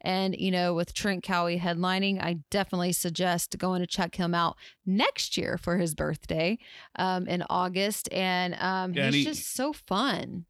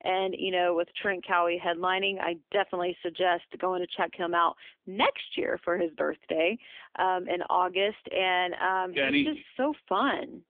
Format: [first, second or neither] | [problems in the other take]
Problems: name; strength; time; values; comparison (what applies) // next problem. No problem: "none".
first | phone-call audio; nothing above 3.5 kHz